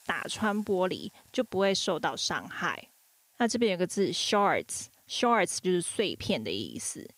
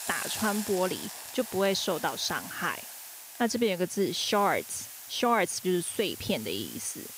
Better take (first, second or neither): first